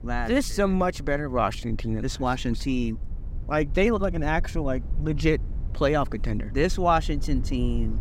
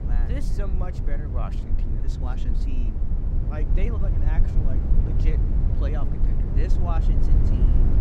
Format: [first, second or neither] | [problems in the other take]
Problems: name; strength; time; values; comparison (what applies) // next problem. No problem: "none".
first | low rumble; loud; throughout; as loud as the speech; faint in the first